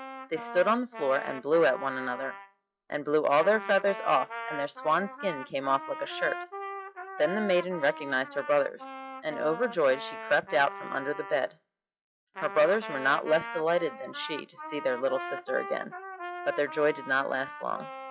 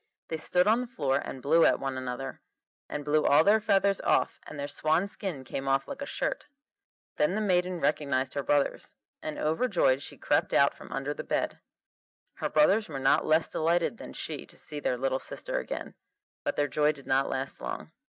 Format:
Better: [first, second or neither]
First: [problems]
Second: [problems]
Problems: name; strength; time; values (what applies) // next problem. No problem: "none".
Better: second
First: noise reduction (classical method log-MMSE)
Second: none